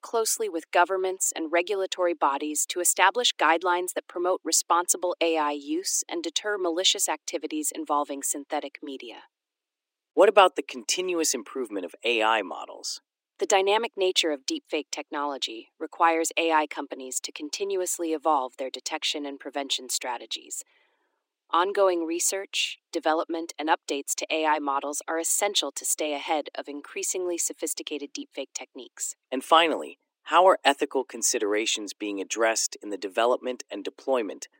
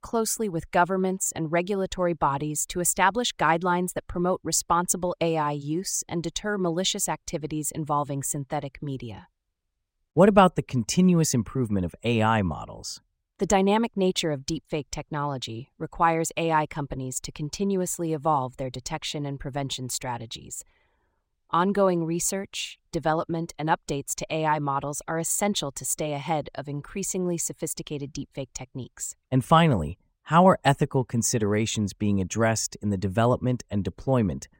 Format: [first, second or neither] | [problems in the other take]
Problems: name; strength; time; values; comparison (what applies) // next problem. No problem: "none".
second | thin; somewhat; fading below 300 Hz